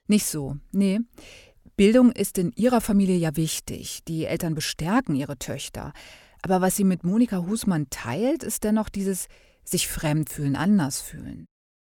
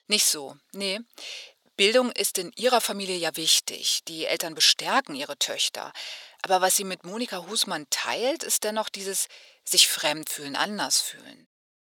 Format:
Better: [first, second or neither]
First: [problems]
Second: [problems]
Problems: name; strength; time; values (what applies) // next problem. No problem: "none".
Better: first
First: none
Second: thin; very; fading below 650 Hz